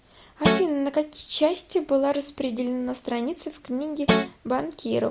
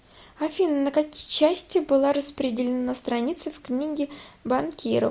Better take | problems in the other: second | background sound (Guitar); 3 dB above the speech

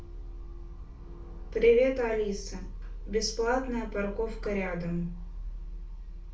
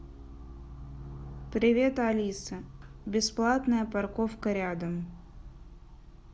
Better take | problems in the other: second | room echo; dies away in 0.3 s

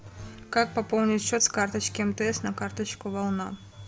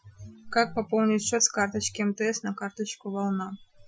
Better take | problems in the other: first | noise reduction (classical method Wiener filter)

